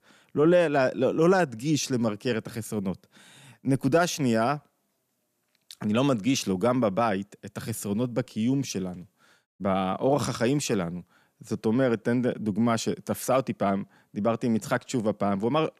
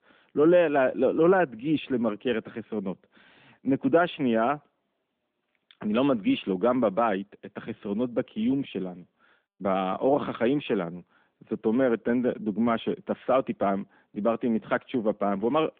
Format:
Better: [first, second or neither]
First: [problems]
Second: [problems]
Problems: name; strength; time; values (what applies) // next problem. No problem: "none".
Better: first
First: none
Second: phone-call audio; nothing above 3.5 kHz